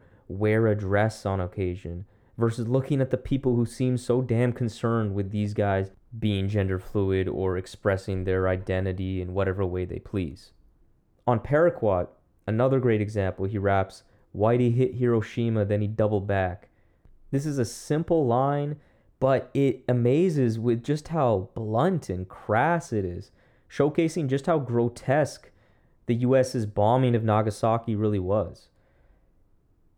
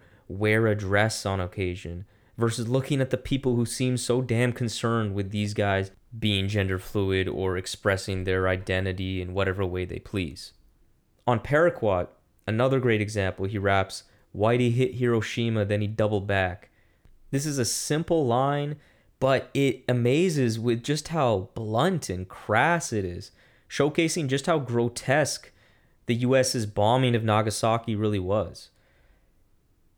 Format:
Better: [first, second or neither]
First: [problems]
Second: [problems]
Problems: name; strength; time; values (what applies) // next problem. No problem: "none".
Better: second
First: muffled; slightly; fading above 1.5 kHz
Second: none